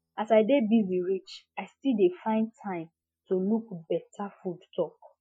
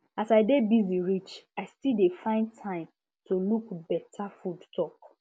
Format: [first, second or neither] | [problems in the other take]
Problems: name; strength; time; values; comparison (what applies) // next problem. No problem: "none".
second | noise reduction (classical method Wiener filter)